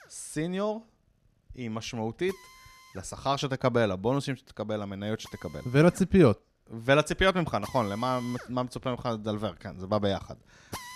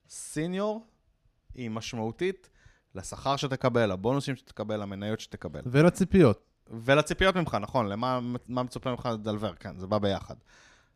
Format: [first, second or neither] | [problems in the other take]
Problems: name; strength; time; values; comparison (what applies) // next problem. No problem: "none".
second | machinery noise; noticeable; throughout; 20 dB below the speech